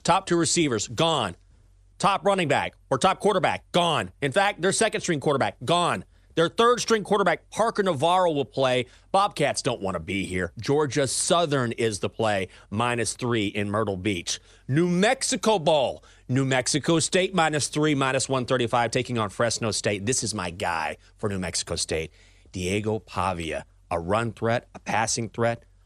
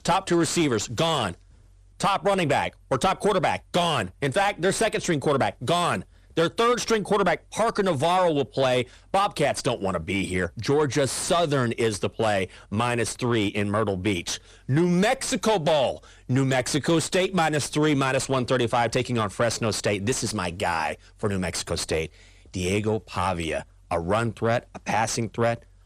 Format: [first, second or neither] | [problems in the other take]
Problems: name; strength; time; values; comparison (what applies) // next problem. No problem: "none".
first | distortion; slight; 10 dB below the speech